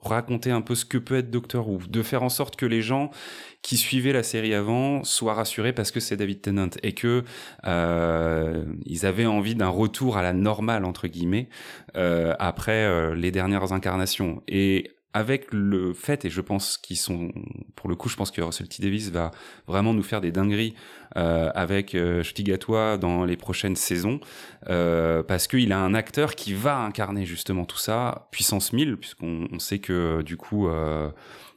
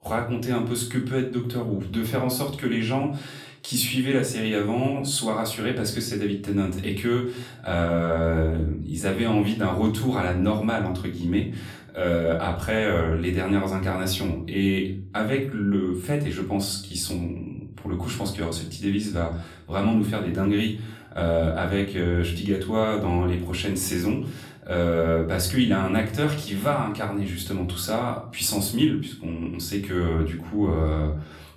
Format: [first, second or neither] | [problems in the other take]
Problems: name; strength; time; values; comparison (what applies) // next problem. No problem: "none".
first | off-mic speech; far // room echo; slight; dies away in 0.4 s